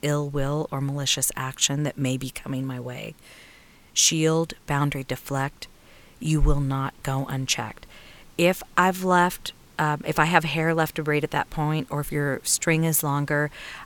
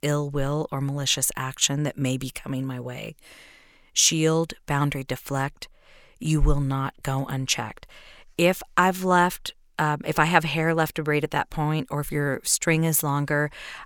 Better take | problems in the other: second | hiss; faint; throughout; 30 dB below the speech

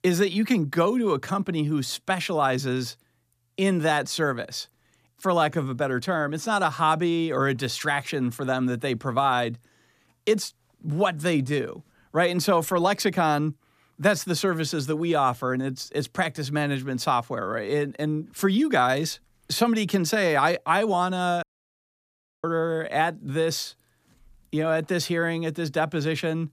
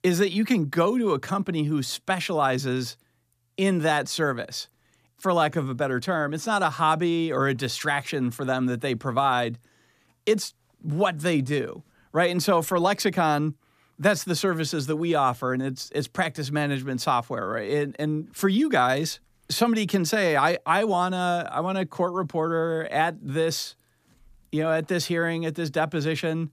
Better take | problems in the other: second | audio cutting out; at 21 s for 1 s

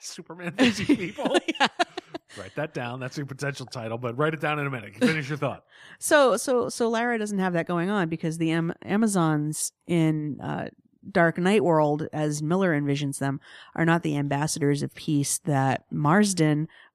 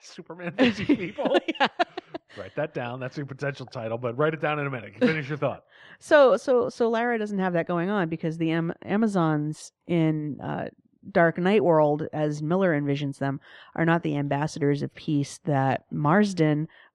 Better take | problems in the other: first | muffled; slightly; fading above 4 kHz

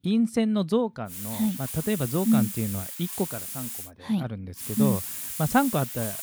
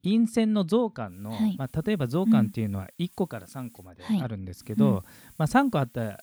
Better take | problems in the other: second | hiss; loud; from 1 to 4 s and from 4.5 s on; 7 dB below the speech; faint in the second

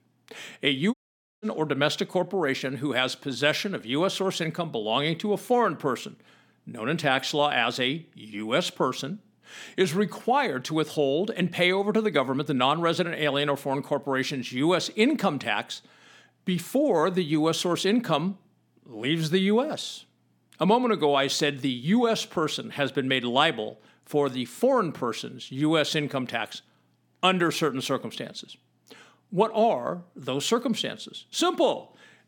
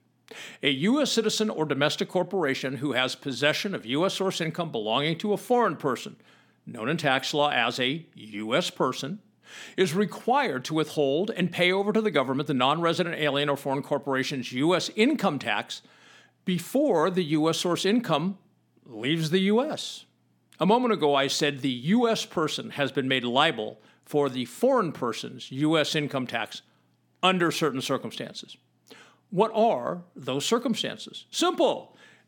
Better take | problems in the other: second | audio cutting out; at 1 s

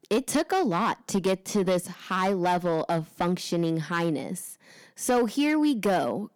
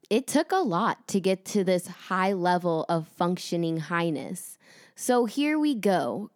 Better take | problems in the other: second | distortion; slight; 6% of the sound clipped

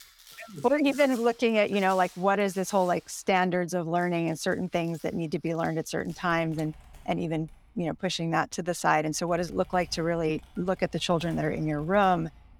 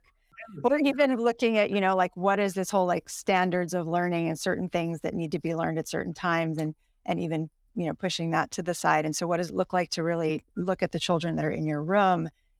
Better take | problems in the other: second | household noises; faint; throughout; 25 dB below the speech

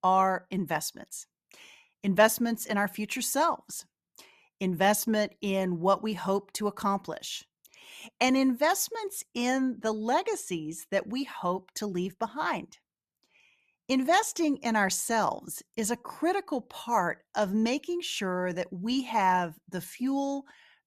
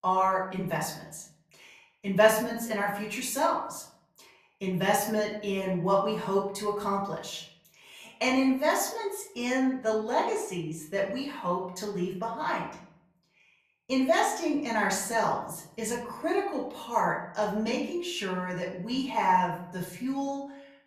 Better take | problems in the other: first | off-mic speech; far // room echo; slight; dies away in 0.6 s

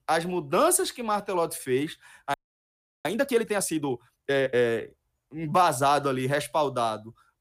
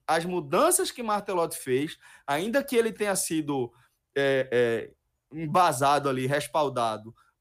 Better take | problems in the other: second | audio freezing; at 2.5 s for 0.5 s

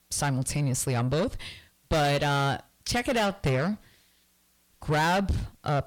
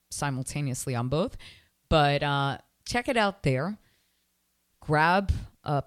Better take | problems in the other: second | distortion; heavy; 7 dB below the speech

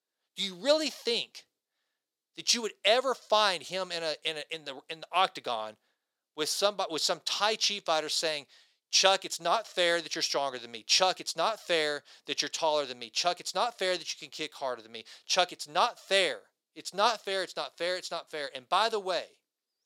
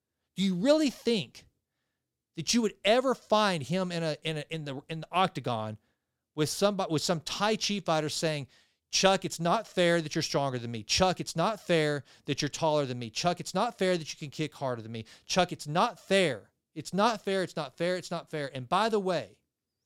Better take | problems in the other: second | thin; somewhat; fading below 500 Hz

